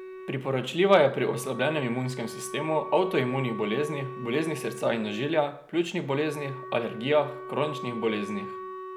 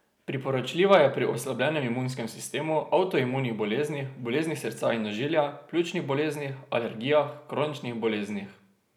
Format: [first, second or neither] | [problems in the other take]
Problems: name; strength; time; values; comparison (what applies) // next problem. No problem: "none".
second | background sound (Wind instrument, woodwind instrument); 12 dB below the speech